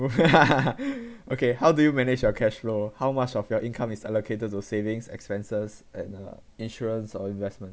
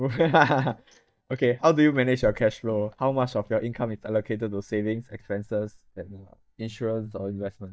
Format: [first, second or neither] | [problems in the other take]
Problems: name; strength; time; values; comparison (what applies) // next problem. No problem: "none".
first | noise reduction (neural mask model DeepFilterNet 3)